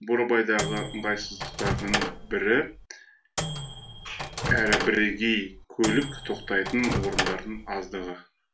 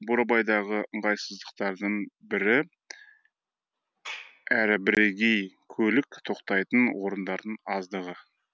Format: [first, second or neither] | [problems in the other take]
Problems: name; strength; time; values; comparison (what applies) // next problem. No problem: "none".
second | background sound (Microwave oven); 4 dB below the speech // room echo; dies away in 0.3 s